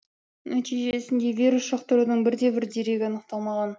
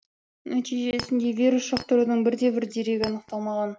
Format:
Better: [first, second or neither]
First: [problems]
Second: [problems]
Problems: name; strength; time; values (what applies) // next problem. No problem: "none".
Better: first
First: none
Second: background sound (Chink, clink); 14 dB below the speech